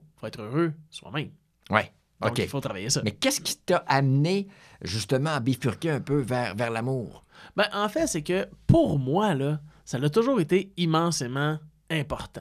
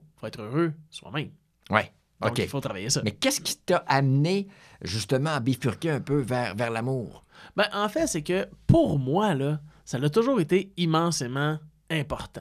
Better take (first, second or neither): neither